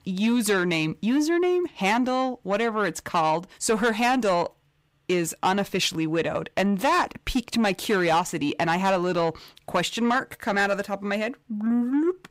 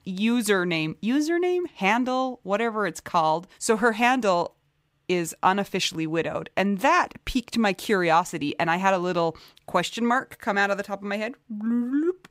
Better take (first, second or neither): second